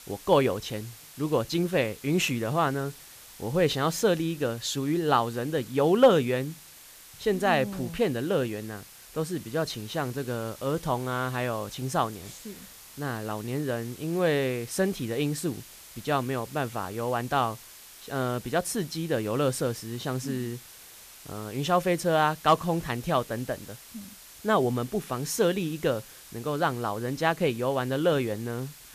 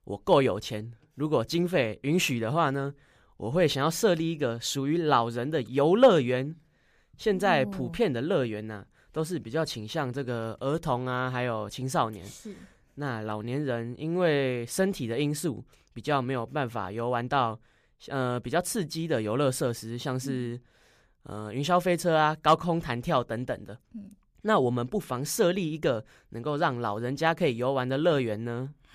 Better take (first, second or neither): second